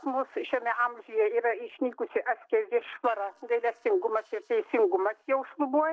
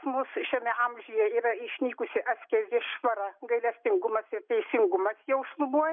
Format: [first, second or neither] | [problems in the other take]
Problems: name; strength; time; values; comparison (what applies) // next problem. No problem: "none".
second | noise reduction (neural separator model SepFormer DNS4)